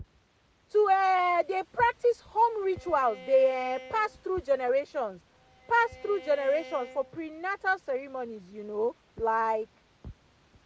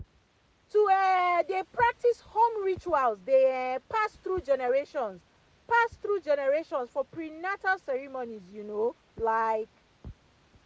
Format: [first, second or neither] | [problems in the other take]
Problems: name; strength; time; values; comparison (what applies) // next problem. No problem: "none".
second | background sound (Bowed string instrument); 19 dB below the speech